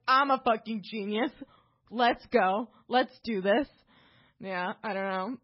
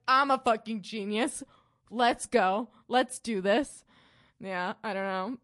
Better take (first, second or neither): second